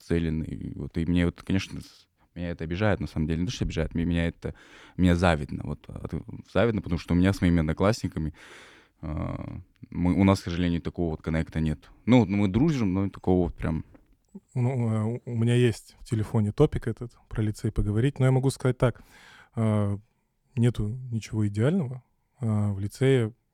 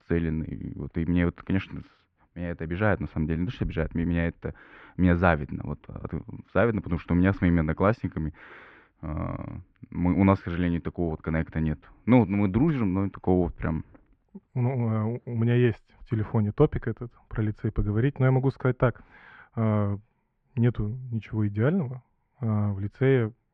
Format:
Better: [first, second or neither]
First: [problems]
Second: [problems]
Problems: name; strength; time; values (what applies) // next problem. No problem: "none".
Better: first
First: none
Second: muffled; very; fading above 2.5 kHz